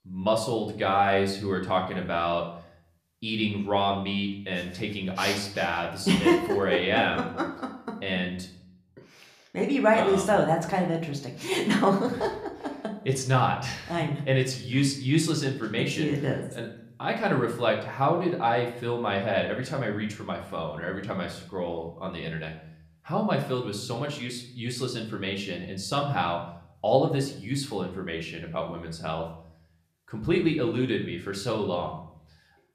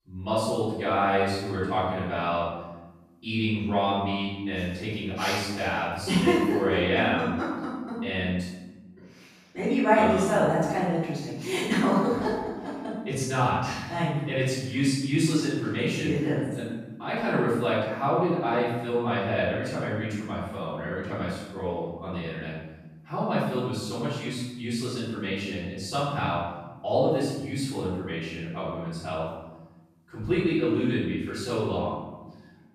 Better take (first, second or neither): first